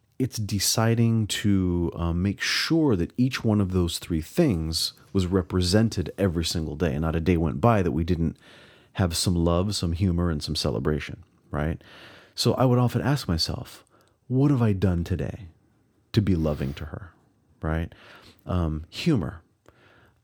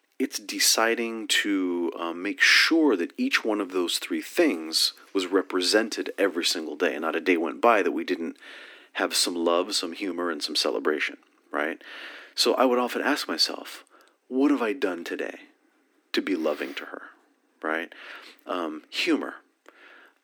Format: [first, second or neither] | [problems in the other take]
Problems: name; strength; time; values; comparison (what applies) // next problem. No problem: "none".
first | thin; somewhat; fading below 250 Hz